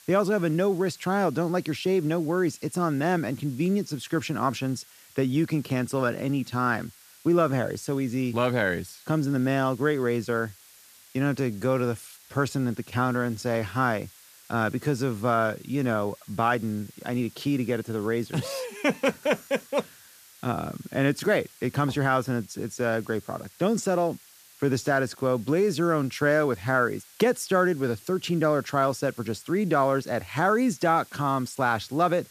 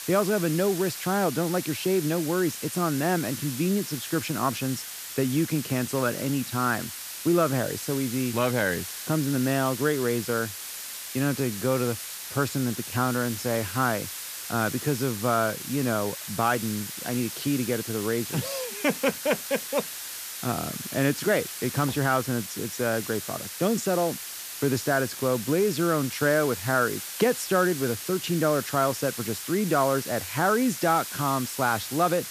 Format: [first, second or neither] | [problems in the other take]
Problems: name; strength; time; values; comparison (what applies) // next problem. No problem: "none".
first | hiss; loud; throughout; 7 dB below the speech; faint in the first